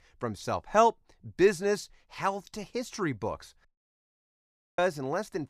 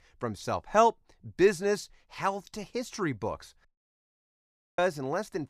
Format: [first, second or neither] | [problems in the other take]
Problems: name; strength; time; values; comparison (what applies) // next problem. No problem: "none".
neither | audio cutting out; at 3.5 s for 1 s; the same in both